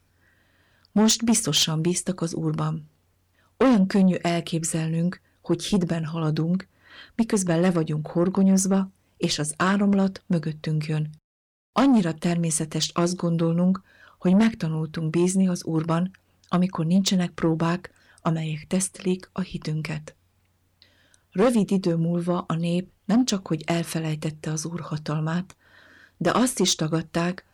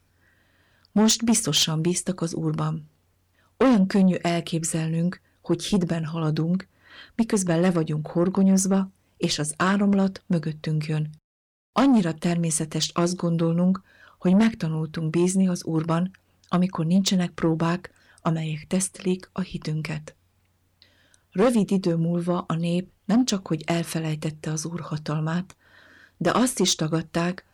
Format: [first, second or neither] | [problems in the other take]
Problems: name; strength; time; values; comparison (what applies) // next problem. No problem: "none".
neither | distortion; slight; 10 dB below the speech; the same in both